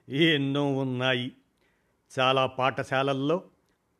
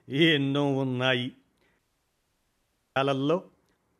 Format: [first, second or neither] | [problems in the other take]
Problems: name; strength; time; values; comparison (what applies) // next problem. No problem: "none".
first | audio cutting out; at 2 s for 1 s